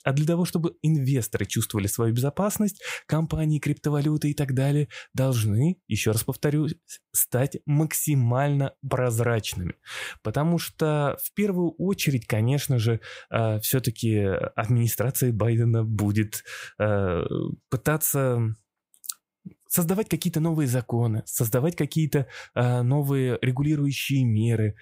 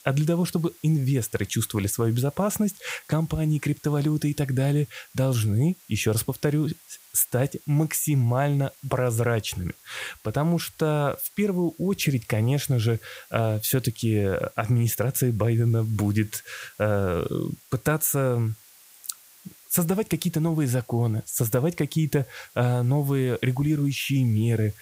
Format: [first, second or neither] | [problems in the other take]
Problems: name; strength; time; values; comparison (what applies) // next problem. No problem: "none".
first | hiss; faint; throughout; 25 dB below the speech